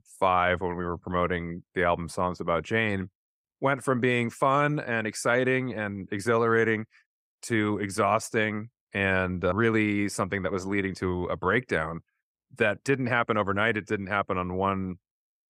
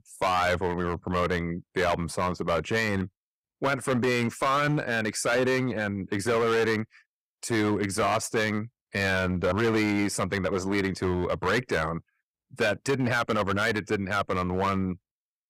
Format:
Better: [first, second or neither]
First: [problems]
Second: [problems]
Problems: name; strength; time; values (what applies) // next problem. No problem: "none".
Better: first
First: none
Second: distortion; heavy; 11% of the sound clipped